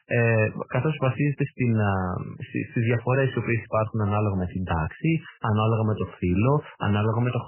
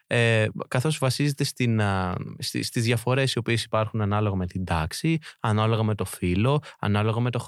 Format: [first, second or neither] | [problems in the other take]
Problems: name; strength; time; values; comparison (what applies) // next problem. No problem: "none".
second | garbled, watery; badly; nothing above 3 kHz